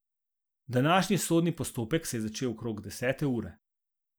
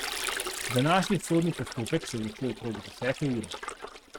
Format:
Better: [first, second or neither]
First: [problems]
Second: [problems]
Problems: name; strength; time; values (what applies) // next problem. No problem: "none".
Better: first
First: none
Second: noise reduction (neural mask model RNNoise)